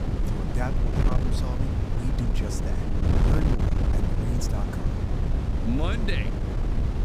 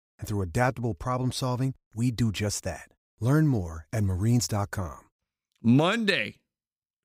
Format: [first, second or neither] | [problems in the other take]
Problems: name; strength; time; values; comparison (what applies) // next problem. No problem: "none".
second | wind noise on the microphone; heavy; 1 dB above the speech